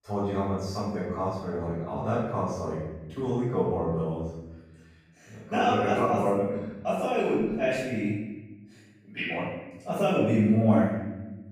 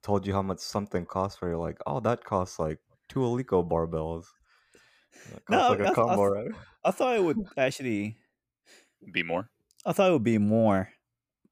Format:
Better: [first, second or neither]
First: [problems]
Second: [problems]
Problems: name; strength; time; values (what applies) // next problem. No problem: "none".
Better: second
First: off-mic speech; far // room echo; strong; dies away in 1.2 s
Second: none